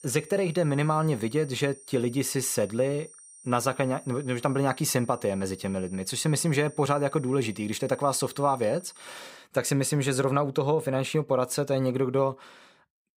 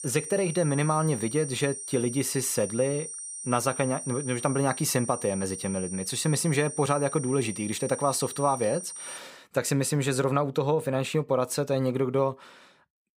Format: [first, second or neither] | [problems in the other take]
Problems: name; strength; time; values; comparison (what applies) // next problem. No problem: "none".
first | high-pitched whine; loud; until 9 s; 8.5 kHz, 9 dB below the speech; faint in the first